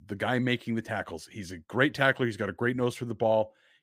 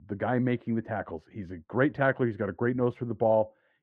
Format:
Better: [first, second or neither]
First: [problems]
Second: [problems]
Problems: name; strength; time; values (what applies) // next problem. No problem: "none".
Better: first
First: none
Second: muffled; very; fading above 3.5 kHz